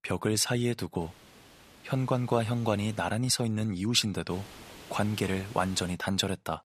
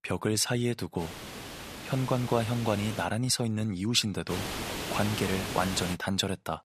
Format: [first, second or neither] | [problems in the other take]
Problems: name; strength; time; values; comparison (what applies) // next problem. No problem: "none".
first | hiss; loud; from 1 to 3 s and from 4.5 to 6 s; 7 dB below the speech; faint in the first